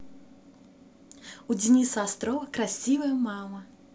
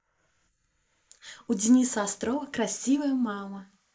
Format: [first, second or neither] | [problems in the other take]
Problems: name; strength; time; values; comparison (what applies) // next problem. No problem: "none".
first | noise reduction (neural mask model Resemble Enhance denoiser)